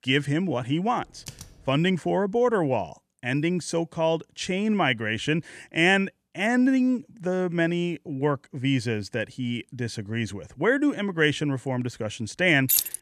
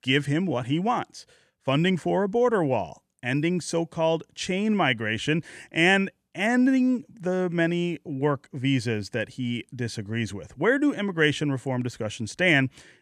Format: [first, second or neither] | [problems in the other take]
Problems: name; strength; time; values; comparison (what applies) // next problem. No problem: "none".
second | keyboard typing; faint; at 1 s; peak 15 dB below the speech // jangling keys; loud; at 12 s; peak 3 dB above the speech